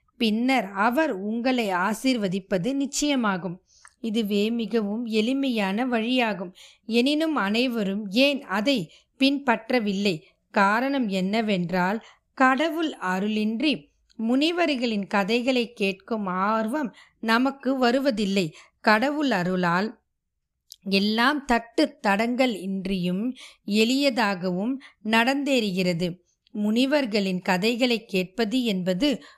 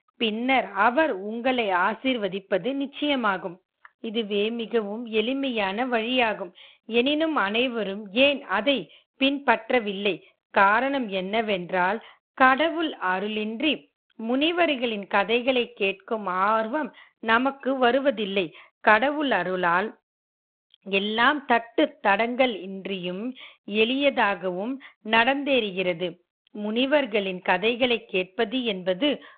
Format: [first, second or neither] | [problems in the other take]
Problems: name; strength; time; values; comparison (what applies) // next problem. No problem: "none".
first | phone-call audio